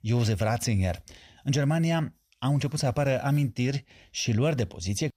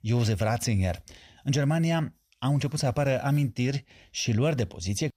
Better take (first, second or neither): neither